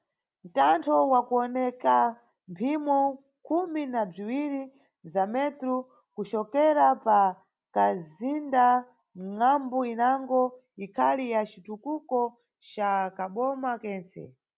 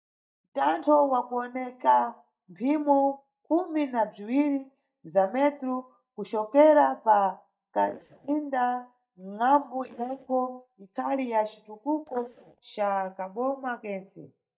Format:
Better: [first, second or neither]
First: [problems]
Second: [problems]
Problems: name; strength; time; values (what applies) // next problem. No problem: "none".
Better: first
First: none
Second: noise reduction (neural mask model DeepFilterNet 3)